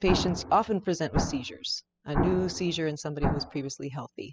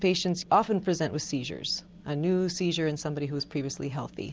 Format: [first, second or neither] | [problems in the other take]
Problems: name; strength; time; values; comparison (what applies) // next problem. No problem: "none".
second | noise reduction (classical method spectral subtraction)